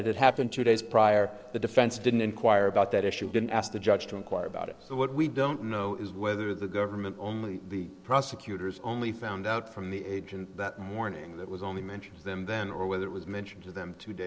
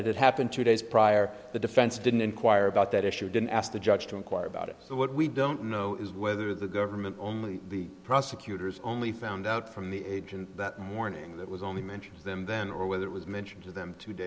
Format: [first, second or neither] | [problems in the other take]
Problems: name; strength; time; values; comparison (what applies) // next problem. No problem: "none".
second | noise reduction (neural separator model SepFormer DNS4)